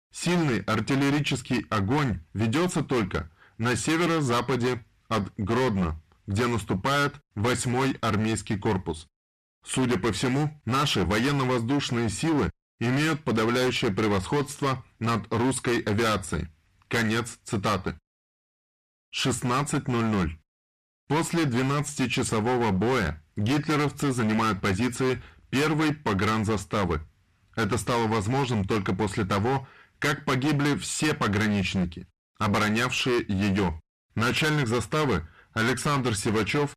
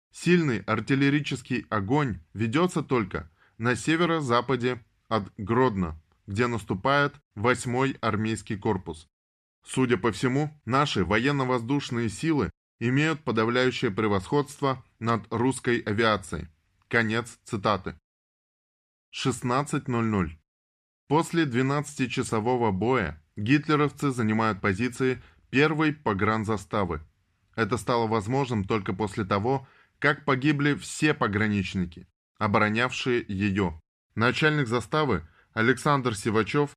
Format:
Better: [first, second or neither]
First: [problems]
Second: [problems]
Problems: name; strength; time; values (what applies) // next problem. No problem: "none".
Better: second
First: distortion; heavy; 21% of the sound clipped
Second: none